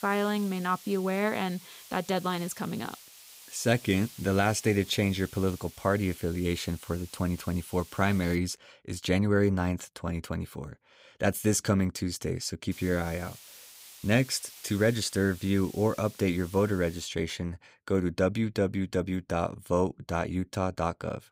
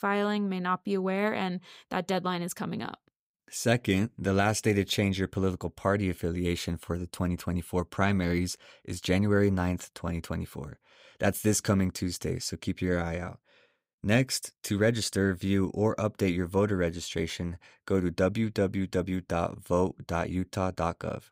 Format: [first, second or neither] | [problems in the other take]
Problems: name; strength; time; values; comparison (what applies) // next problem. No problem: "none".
second | hiss; noticeable; until 8.5 s and from 13 to 17 s; 20 dB below the speech